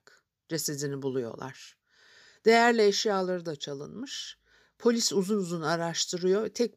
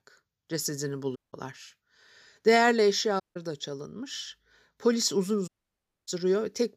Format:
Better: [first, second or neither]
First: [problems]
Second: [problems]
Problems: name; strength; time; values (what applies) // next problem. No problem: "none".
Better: first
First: none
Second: audio cutting out; at 1 s, at 3 s and at 5.5 s for 0.5 s